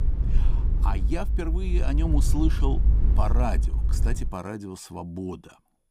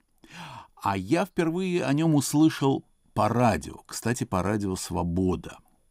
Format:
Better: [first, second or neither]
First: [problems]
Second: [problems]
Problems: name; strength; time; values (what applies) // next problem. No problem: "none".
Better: second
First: low rumble; loud; until 4 s; 9 dB below the speech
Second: none